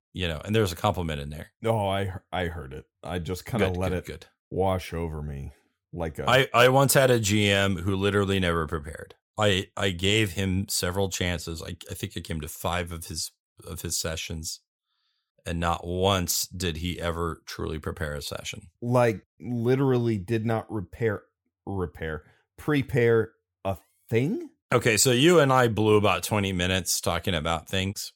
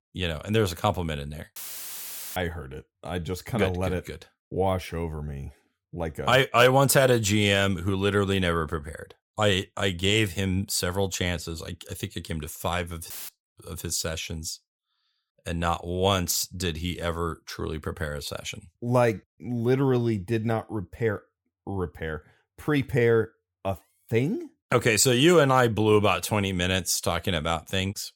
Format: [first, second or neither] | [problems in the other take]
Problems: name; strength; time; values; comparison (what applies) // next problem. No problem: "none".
first | audio cutting out; filled with static; at 1.5 s for 1 s and at 13 s